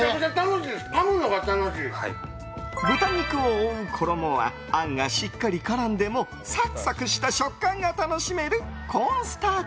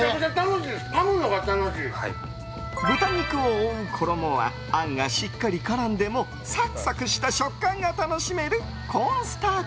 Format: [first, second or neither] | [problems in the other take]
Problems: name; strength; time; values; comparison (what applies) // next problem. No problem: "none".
first | background sound (Mechanical fan); 13 dB below the speech